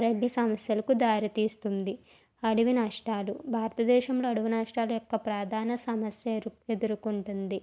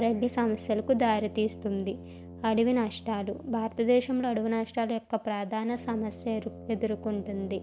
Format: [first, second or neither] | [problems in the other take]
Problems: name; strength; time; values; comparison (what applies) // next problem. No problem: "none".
first | background sound (Brass instrument); 16 dB below the speech